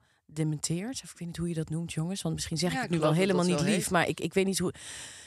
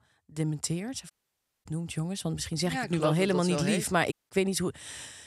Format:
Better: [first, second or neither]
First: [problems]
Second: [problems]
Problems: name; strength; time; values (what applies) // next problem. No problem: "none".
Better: first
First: none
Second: audio cutting out; at 1 s for 0.5 s and at 4 s